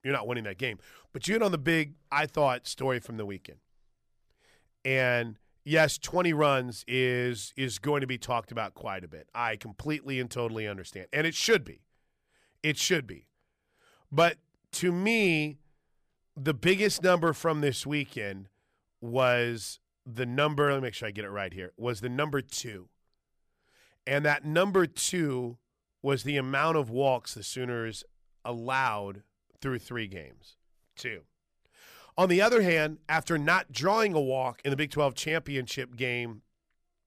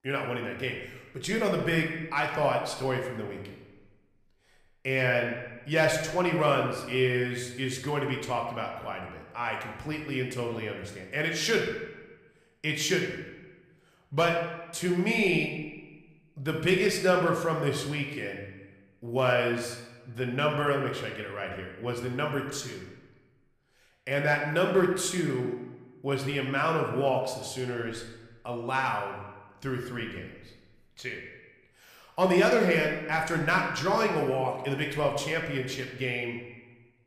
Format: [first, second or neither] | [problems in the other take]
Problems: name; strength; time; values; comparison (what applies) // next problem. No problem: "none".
first | room echo; slight; dies away in 0.9 s